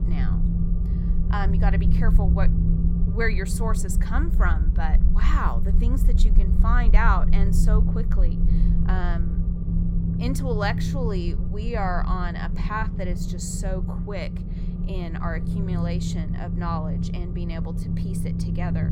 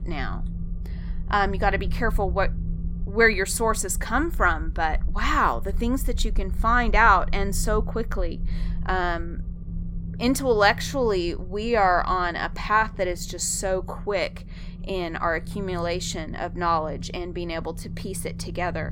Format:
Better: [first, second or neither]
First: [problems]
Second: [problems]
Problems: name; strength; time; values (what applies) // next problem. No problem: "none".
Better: second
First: low rumble; loud; throughout; 6 dB below the speech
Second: low rumble; faint; throughout; 25 dB below the speech